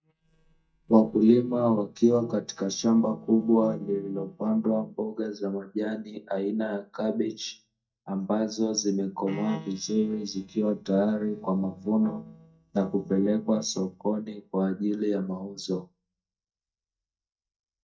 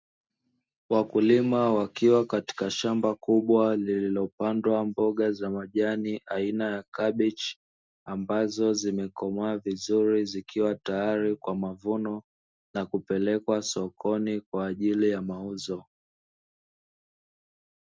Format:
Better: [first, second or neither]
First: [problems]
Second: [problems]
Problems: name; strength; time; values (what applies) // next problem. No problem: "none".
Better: second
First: noise reduction (neural mask model DeepFilterNet 3)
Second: none